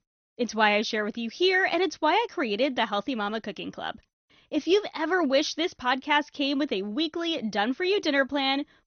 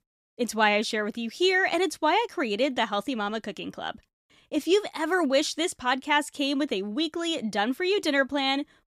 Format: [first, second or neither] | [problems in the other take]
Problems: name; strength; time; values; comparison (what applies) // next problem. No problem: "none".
second | garbled, watery; slightly; nothing above 6.5 kHz